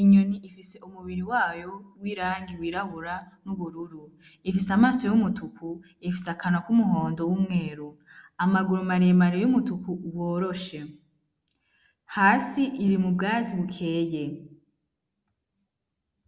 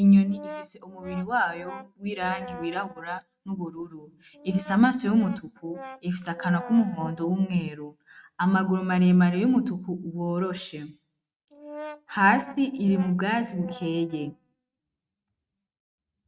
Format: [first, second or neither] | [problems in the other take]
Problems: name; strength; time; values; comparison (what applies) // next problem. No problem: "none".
first | noise reduction (neural mask model RNNoise)